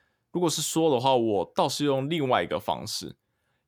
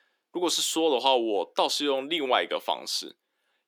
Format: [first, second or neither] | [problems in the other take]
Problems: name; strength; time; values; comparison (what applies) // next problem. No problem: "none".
first | thin; very slightly; fading below 300 Hz